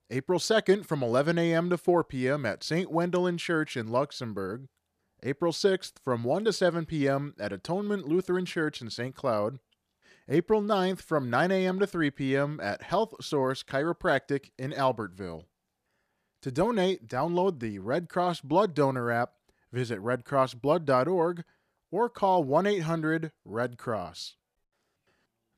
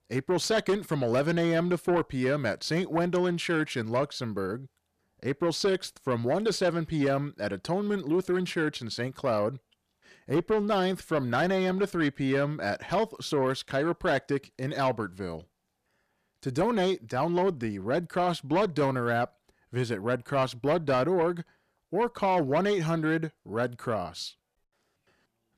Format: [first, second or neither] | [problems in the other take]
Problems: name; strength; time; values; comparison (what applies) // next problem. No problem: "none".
first | distortion; slight; 10 dB below the speech